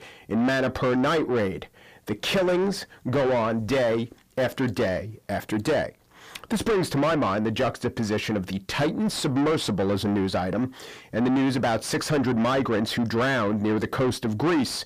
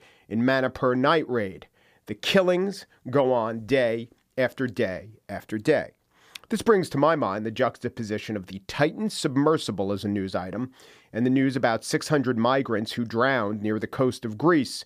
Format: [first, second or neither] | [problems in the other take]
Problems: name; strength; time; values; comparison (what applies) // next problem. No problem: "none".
second | distortion; heavy; 6 dB below the speech